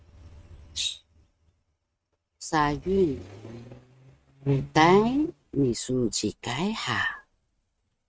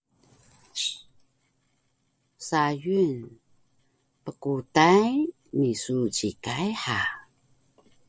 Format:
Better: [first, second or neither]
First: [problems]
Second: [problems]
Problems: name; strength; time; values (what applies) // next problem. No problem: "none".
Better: second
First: noise reduction (neural mask model RNNoise)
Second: none